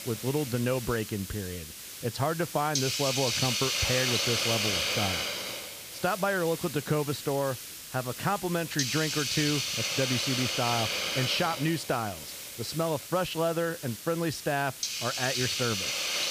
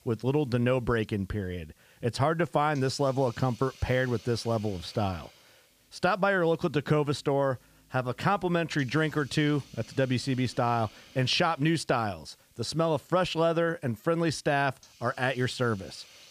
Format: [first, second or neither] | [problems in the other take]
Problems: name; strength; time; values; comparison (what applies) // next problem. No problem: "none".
second | hiss; loud; throughout; as loud as the speech; faint in the second